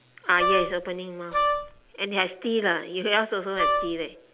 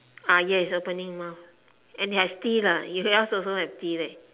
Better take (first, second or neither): second